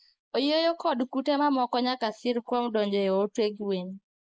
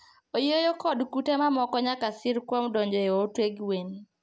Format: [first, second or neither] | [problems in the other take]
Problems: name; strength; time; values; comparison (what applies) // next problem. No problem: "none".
second | noise reduction (neural mask model Resemble Enhance denoiser)